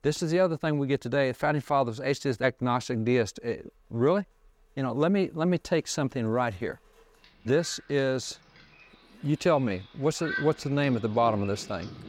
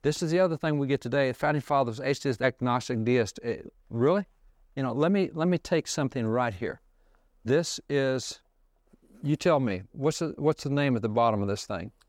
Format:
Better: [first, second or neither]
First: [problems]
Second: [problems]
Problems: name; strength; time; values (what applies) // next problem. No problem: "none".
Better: second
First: rain or running water; noticeable; throughout; 15 dB below the speech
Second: none